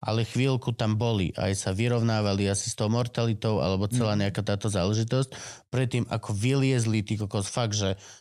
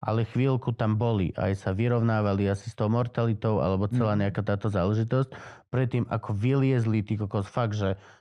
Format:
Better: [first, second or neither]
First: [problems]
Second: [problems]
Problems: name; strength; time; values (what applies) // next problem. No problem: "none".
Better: first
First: none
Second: muffled; very; fading above 3.5 kHz